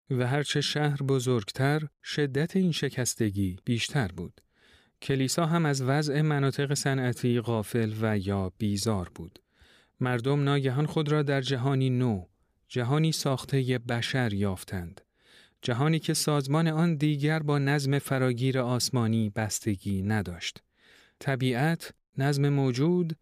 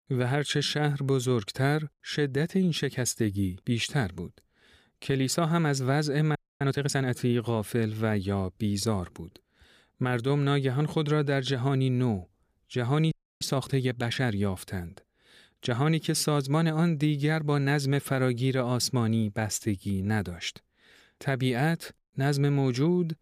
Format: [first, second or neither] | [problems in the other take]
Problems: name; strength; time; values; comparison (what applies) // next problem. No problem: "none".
first | audio freezing; at 6.5 s and at 13 s